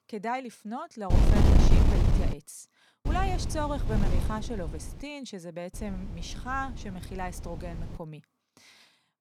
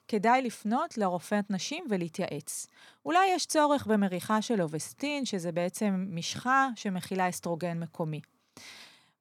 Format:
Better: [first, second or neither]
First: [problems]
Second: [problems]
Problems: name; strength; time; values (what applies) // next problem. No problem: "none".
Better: second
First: wind noise on the microphone; heavy; from 1 to 2.5 s, from 3 to 5 s and from 5.5 to 8 s; as loud as the speech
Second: none